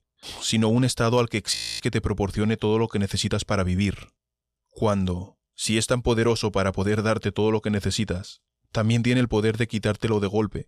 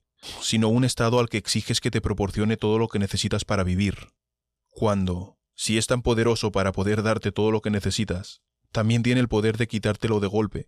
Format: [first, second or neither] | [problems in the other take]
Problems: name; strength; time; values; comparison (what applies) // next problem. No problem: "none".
second | audio freezing; at 1.5 s